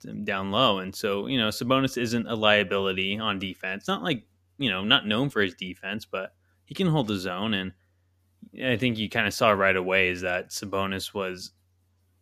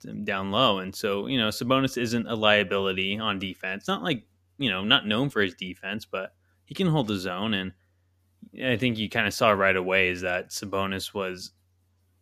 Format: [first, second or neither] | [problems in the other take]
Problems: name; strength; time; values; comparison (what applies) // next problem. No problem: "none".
neither | none